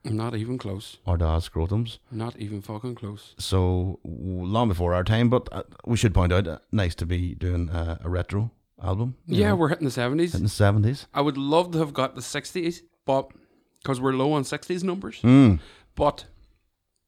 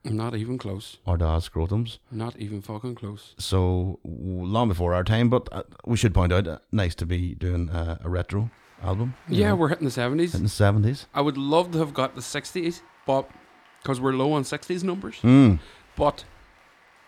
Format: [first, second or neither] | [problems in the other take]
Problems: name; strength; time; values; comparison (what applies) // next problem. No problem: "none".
first | crowd noise; faint; from 8.5 s on; 30 dB below the speech